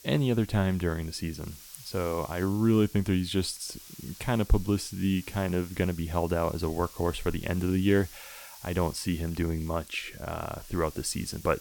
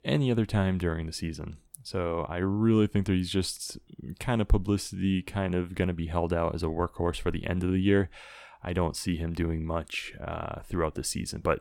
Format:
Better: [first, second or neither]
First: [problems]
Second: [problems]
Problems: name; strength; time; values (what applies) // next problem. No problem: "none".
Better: second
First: hiss; noticeable; throughout; 20 dB below the speech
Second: none